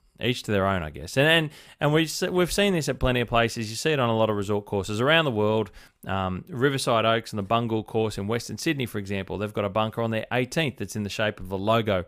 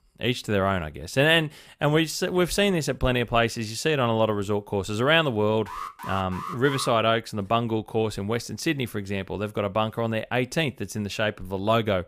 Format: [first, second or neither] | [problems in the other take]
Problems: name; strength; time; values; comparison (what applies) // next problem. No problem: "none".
first | alarm; noticeable; from 5.5 to 7 s; peak 10 dB below the speech